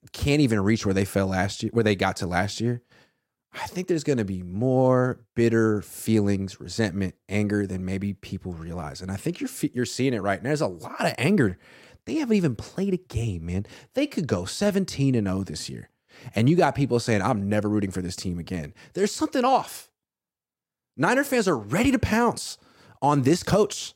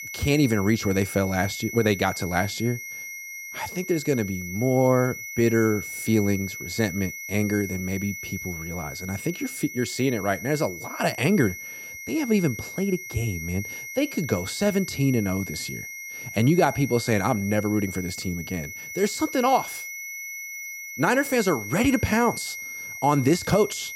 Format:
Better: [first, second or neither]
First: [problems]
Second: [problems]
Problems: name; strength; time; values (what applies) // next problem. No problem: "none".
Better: first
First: none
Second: high-pitched whine; loud; throughout; 2 kHz, 9 dB below the speech